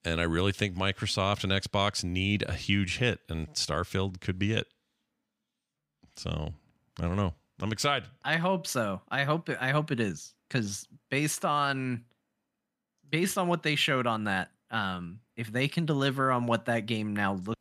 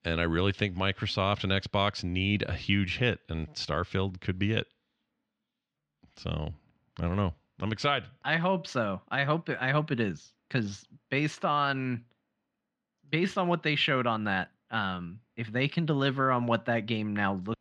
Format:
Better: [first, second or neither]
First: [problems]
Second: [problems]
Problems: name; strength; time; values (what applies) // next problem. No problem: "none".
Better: first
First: none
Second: muffled; very slightly; fading above 4 kHz